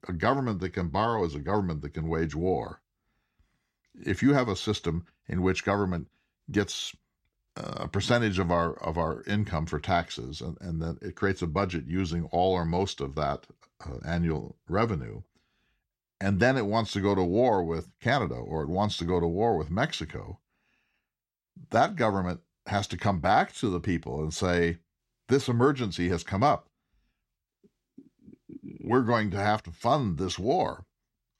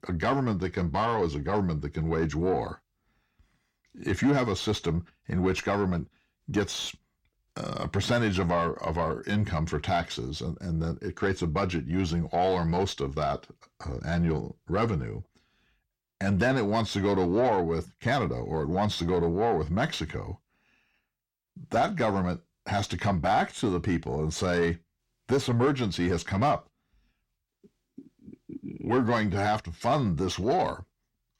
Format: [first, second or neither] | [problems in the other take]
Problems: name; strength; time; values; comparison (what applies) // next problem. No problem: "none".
first | distortion; slight; 10 dB below the speech